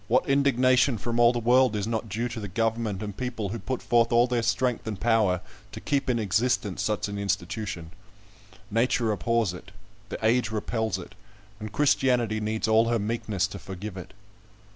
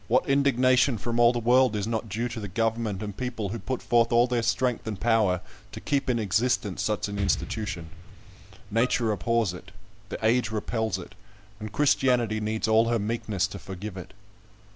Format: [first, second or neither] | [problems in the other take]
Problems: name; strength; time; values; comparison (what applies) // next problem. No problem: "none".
first | background sound (Bowed string instrument + Explosion); 18 dB below the speech